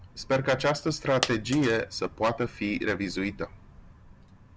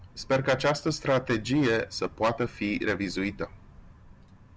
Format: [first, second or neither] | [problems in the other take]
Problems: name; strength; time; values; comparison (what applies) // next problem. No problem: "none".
second | background sound (Coin (dropping)); 9 dB below the speech